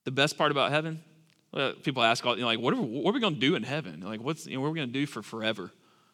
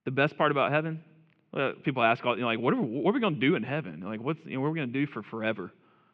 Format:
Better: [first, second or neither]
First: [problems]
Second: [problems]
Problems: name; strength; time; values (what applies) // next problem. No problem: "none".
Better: first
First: none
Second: muffled; very; fading above 2.5 kHz